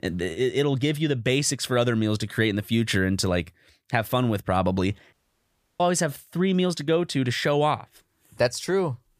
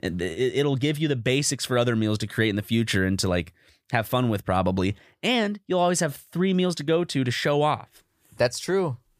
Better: second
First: audio cutting out; at 5 s for 0.5 s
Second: none

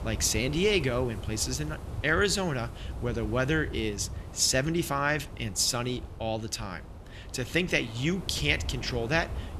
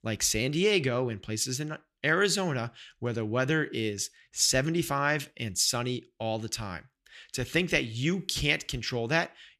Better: second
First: wind noise on the microphone; occasional gusts; 20 dB below the speech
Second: none

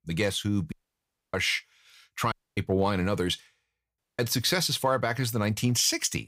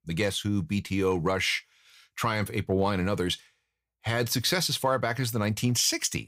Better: second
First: audio cutting out; at 0.5 s for 0.5 s, at 2.5 s and at 4 s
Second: none

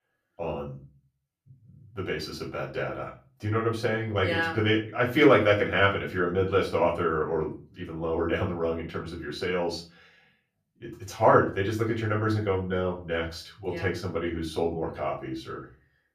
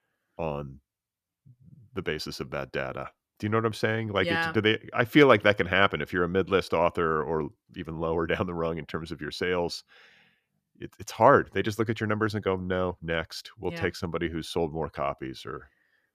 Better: second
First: off-mic speech; far // room echo; slight; dies away in 0.3 s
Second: none

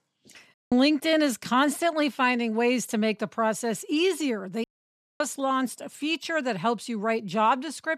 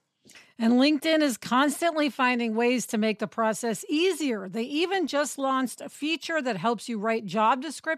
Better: second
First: audio cutting out; at 0.5 s and at 4.5 s for 0.5 s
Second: none

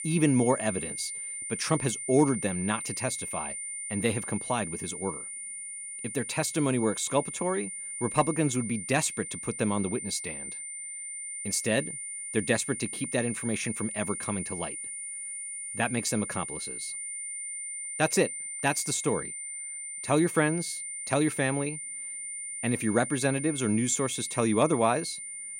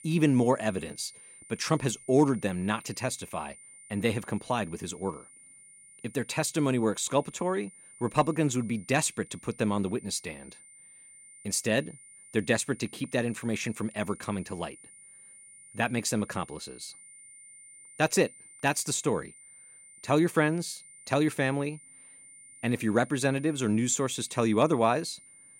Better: second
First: high-pitched whine; loud; throughout; 9 kHz, 6 dB below the speech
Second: high-pitched whine; faint; throughout; 9 kHz, 20 dB below the speech

